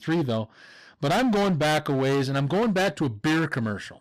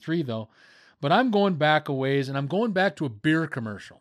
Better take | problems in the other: second | distortion; heavy; 23% of the sound clipped

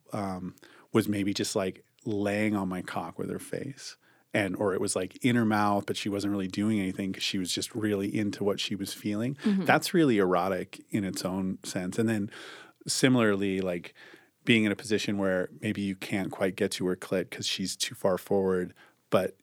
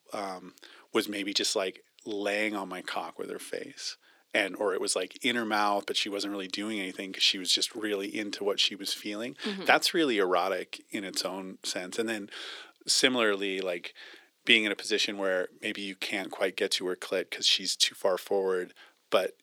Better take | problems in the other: first | thin; somewhat; fading below 400 Hz

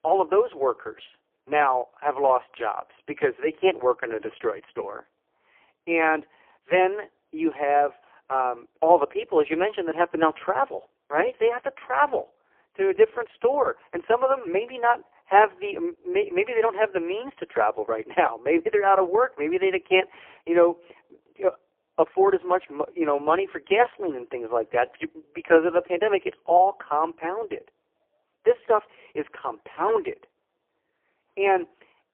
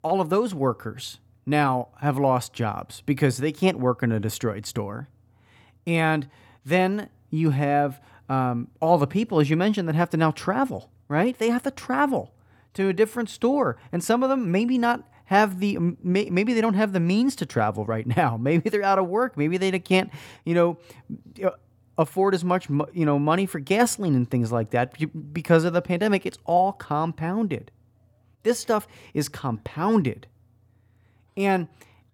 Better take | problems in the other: second | phone-call audio; poor line; nothing above 3 kHz

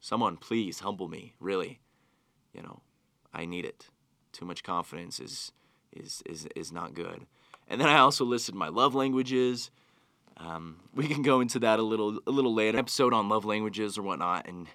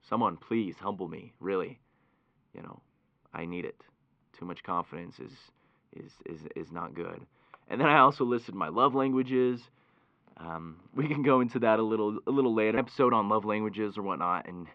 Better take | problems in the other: first | muffled; very; fading above 2.5 kHz

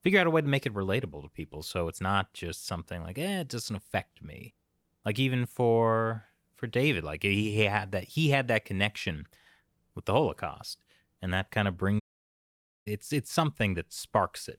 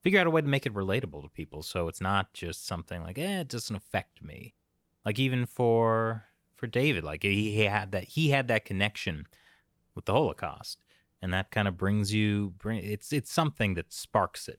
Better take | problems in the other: second | audio cutting out; at 12 s for 1 s

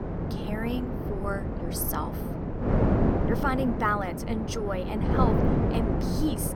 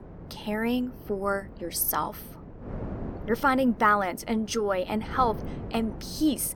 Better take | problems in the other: second | wind noise on the microphone; heavy; 2 dB below the speech; occasional gusts in the second

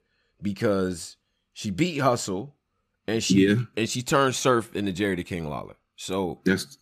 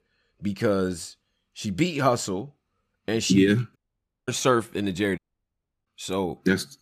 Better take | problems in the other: first | audio cutting out; at 4 s for 0.5 s and at 5 s for 0.5 s

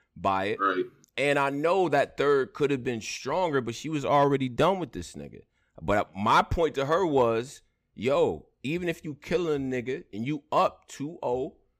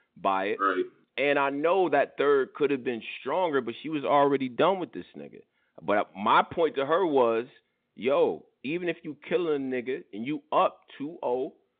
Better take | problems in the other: first | phone-call audio; nothing above 3.5 kHz

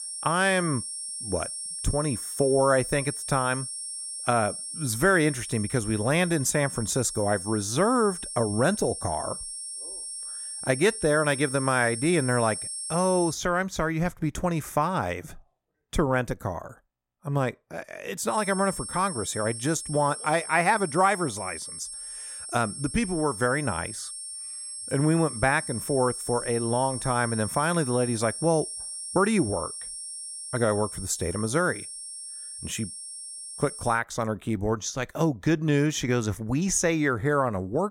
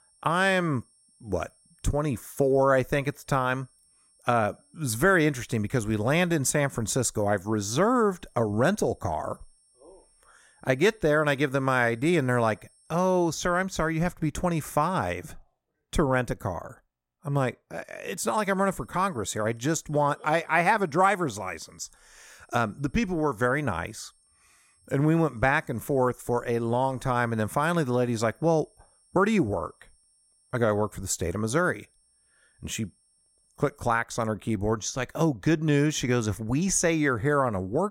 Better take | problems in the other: second | high-pitched whine; loud; until 13 s and from 18 to 34 s; 8.5 kHz, 7 dB below the speech; faint in the second

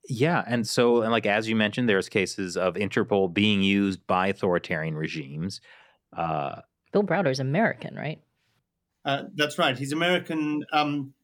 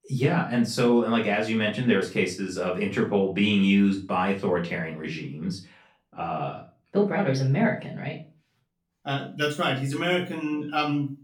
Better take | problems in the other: first | room echo; slight; dies away in 0.3 s // off-mic speech; far

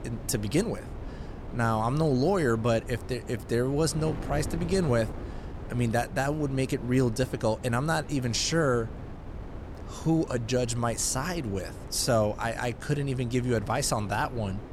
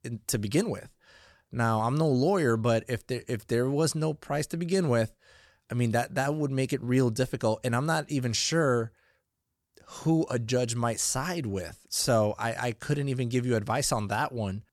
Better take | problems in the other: second | wind noise on the microphone; occasional gusts; 15 dB below the speech

